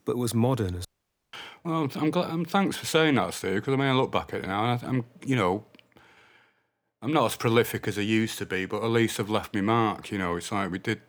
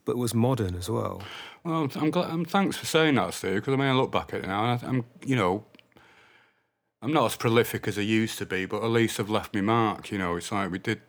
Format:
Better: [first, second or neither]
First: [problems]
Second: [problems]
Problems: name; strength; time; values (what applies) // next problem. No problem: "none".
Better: second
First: audio cutting out; at 1 s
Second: none